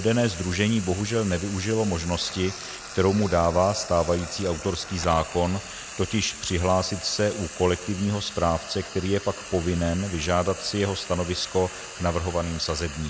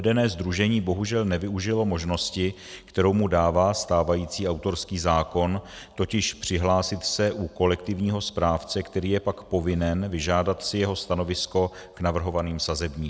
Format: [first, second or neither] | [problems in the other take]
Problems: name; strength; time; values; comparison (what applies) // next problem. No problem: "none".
second | background sound (Frying (food)); 13 dB below the speech